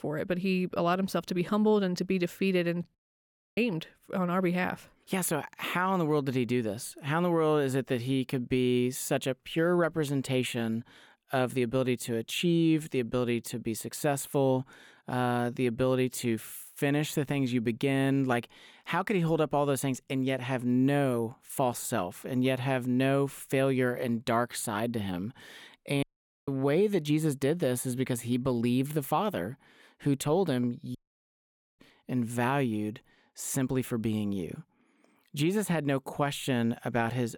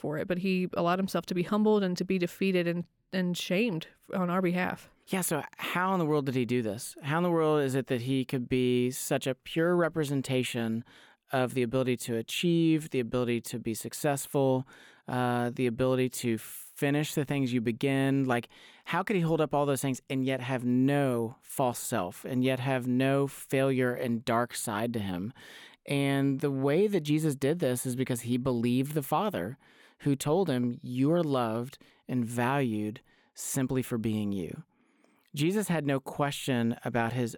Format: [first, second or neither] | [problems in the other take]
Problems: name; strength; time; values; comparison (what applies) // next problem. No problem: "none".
second | audio cutting out; at 3 s for 0.5 s, at 26 s and at 31 s for 1 s